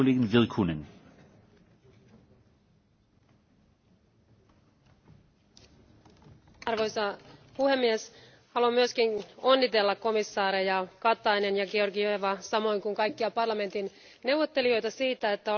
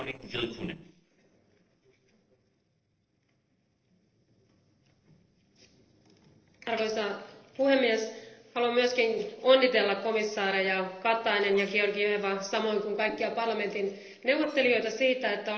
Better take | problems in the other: first | noise reduction (neural separator model SepFormer DNS4)

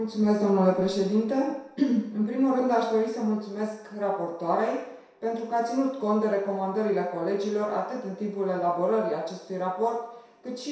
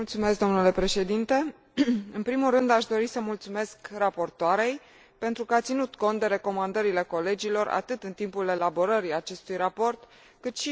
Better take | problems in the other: second | room echo; dies away in 0.7 s

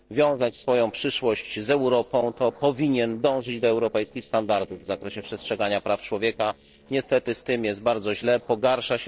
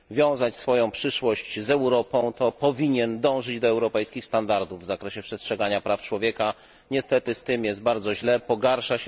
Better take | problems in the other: second | noise reduction (neural separator model SepFormer DNS4)

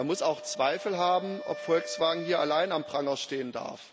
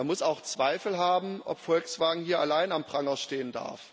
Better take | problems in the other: second | background sound (Wind instrument, woodwind instrument); 13 dB below the speech

